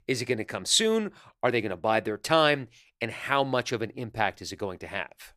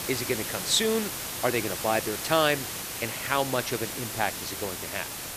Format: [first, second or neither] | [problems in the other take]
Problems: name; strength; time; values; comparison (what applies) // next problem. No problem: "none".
first | hiss; loud; throughout; 4 dB below the speech